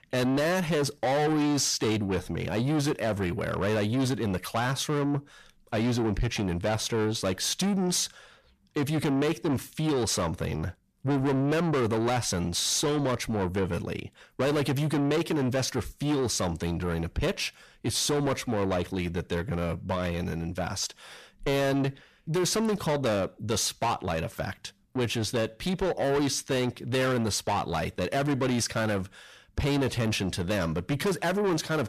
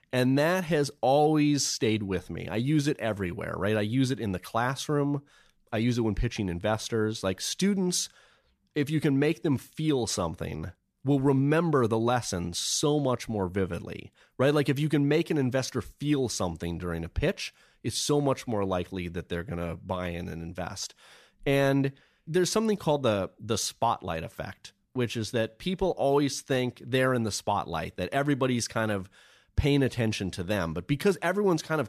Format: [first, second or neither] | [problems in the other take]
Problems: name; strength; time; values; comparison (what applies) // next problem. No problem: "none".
second | distortion; heavy; 7 dB below the speech